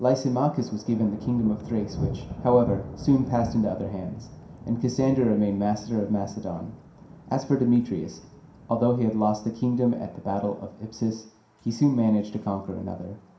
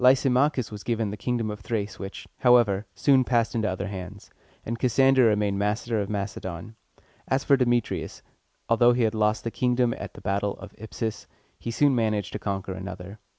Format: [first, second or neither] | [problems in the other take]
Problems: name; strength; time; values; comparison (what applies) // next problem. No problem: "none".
second | background sound (Thunder); 14 dB below the speech // room echo; dies away in 0.5 s